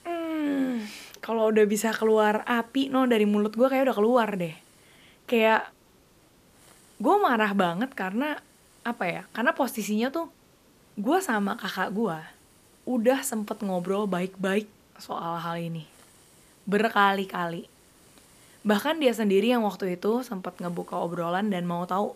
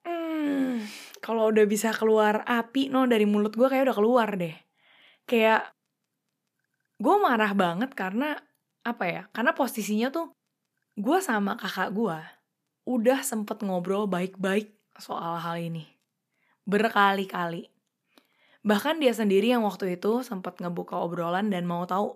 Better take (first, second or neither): second